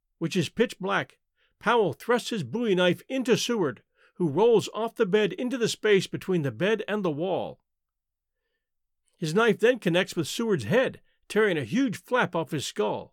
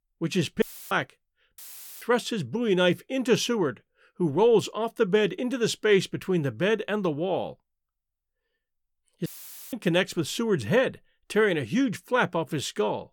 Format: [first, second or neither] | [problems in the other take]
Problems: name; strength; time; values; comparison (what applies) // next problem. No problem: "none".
first | audio cutting out; filled with static; at 0.5 s, at 1.5 s and at 9.5 s